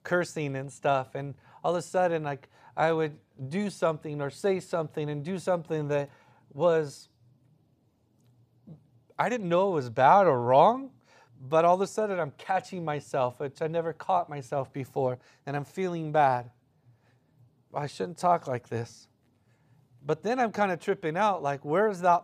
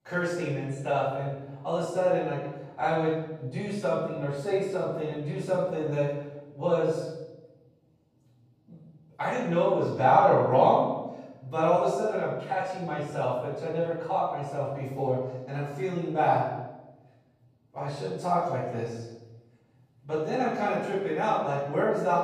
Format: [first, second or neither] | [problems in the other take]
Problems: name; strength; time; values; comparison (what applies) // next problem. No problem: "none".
first | off-mic speech; far // room echo; strong; dies away in 0.9 s